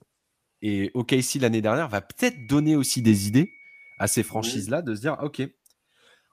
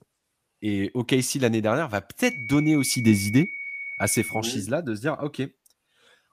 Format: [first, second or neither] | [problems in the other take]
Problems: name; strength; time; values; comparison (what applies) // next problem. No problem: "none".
first | high-pitched whine; loud; from 2.5 to 4.5 s; 2 kHz, 8 dB below the speech; faint in the first